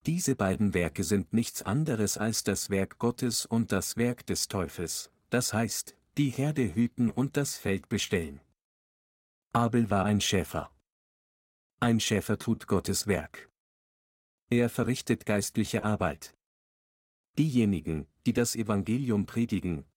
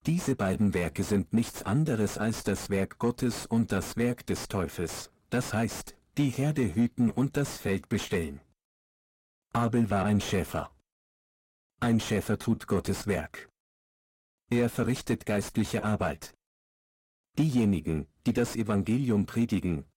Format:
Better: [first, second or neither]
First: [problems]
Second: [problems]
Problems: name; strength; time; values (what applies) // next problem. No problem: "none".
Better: first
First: none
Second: distortion; slight; 9 dB below the speech